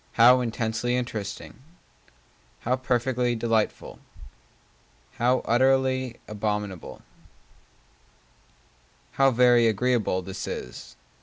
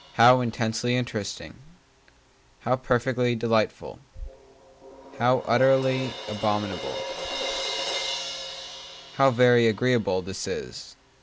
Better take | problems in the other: first | background sound (Crash cymbal); 11 dB below the speech

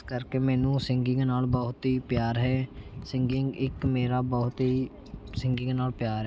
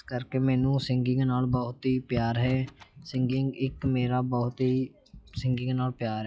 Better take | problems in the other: first | noise reduction (classical method log-MMSE)

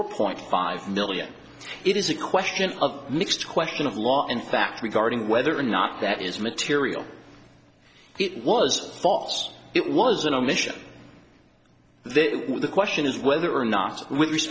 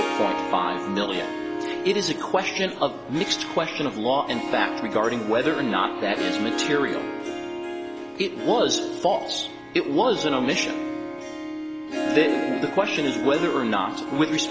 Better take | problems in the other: first | background sound (Harp); 5 dB below the speech

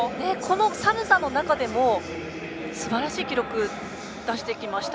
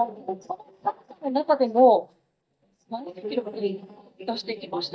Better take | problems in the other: first | noise reduction (neural mask model DeepFilterNet 3)

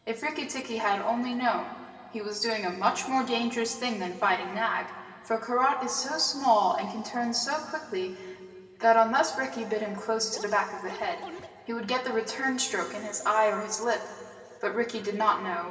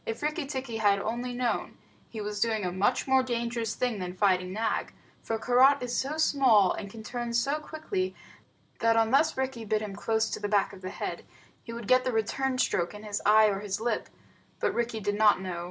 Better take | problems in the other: second | background sound (Scratching (performance technique)); 14 dB below the speech // room echo; dies away in 2.3 s

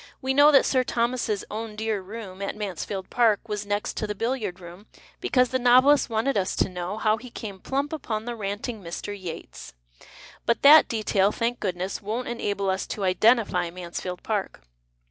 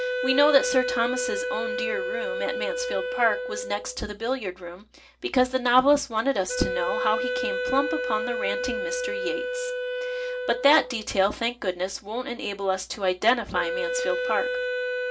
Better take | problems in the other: first | background sound (Wind instrument, woodwind instrument); 4 dB below the speech // room echo; dies away in 0.2 s

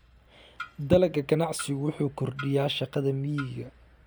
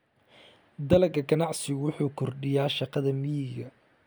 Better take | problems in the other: second | background sound (Clock); 19 dB below the speech

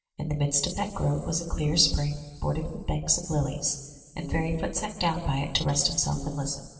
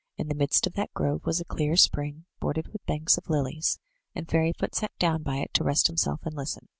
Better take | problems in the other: second | noise reduction (neural separator model SepFormer DNS4)

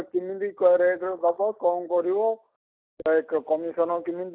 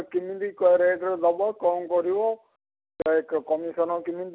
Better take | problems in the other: second | noise reduction (neural mask model DeepFilterNet 3)

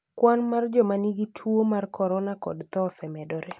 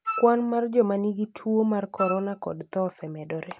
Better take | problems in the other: first | background sound (Wind instrument, woodwind instrument); 9 dB below the speech

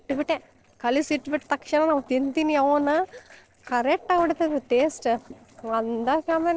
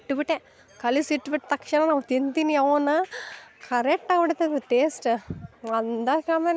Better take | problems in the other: second | noise reduction (neural separator model SepFormer DNS4)

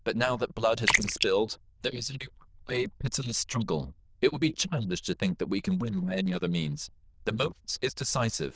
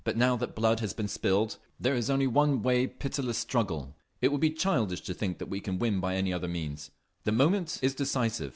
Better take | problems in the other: second | noise reduction (neural diffusion model UNIVERSE++)

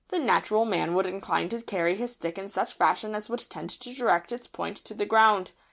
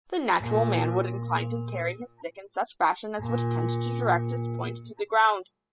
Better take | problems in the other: first | noise reduction (classical method spectral subtraction)

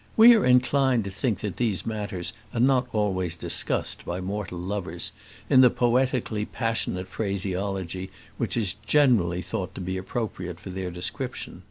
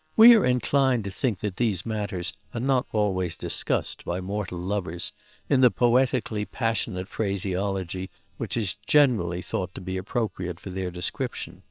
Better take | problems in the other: first | noise reduction (neural separator model SepFormer WHAM!)

